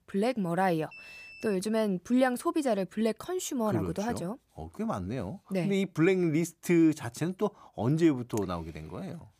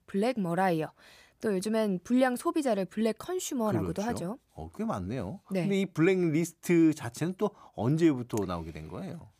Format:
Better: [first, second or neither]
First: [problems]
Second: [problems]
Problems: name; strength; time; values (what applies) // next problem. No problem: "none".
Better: second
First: alarm; faint; at 1 s; peak 15 dB below the speech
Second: none